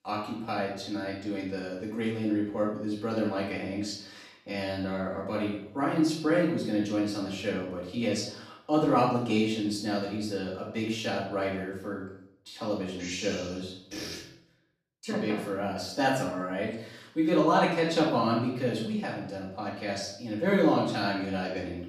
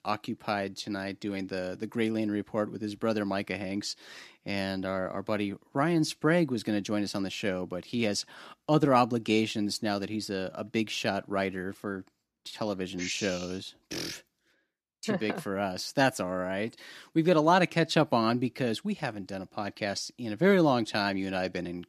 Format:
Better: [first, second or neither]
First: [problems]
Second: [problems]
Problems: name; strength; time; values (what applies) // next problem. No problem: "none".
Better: second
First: off-mic speech; far // room echo; noticeable; dies away in 0.6 s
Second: none